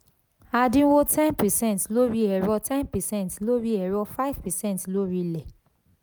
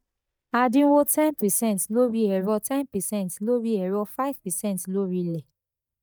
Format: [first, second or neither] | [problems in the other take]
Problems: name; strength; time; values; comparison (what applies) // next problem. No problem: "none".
first | noise reduction (neural mask model DeepFilterNet 3)